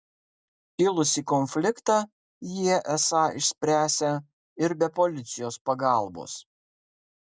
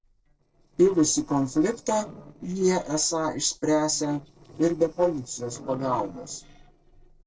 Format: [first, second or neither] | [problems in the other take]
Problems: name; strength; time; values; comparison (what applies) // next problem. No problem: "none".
first | noise reduction (neural separator model SepFormer DNS4)